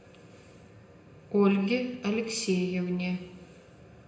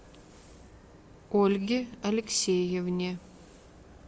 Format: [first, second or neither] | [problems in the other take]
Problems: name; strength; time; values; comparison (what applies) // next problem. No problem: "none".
second | room echo; dies away in 0.8 s